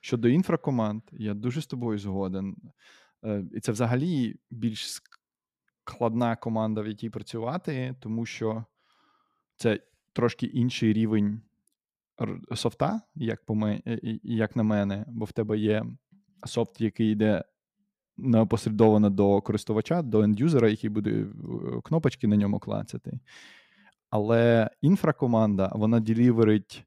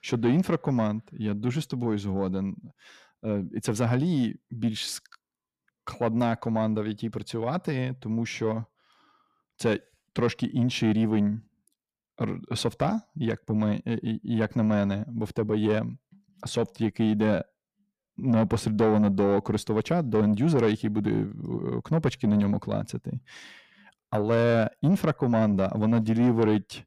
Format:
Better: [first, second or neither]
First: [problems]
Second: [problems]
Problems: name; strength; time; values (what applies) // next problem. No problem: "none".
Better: first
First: none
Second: distortion; slight; 10 dB below the speech